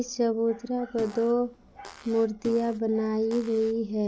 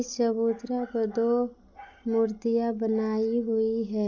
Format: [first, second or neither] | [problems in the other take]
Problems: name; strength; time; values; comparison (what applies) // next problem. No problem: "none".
second | background sound (Fart); 20 dB below the speech